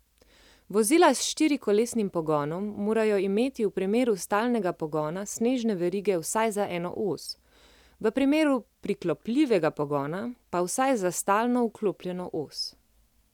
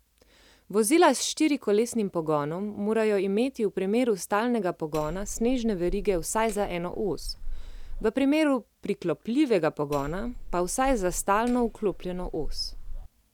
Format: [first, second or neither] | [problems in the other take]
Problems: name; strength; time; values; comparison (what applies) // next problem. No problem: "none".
first | background sound (Hammer); 9 dB below the speech